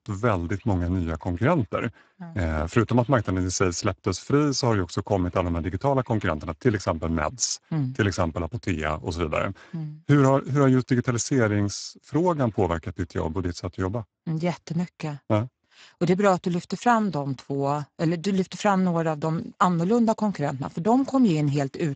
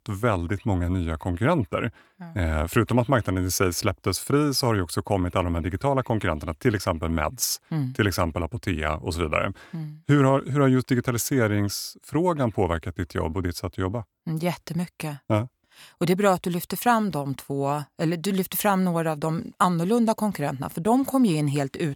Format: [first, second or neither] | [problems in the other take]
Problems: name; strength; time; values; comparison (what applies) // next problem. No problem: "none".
second | garbled, watery; badly; nothing above 7.5 kHz